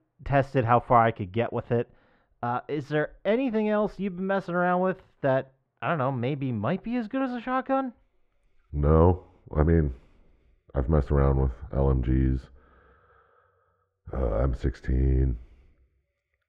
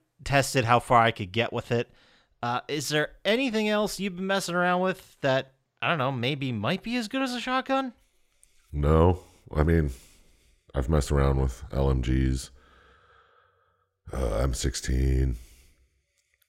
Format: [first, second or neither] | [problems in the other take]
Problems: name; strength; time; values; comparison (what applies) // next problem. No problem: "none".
second | muffled; very; fading above 3.5 kHz